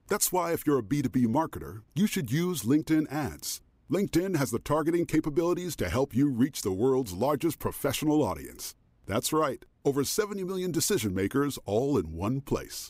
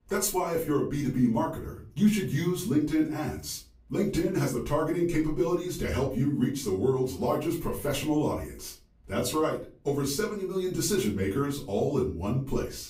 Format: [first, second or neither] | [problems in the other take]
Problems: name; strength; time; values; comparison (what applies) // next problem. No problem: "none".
first | off-mic speech; far // room echo; slight; dies away in 0.3 s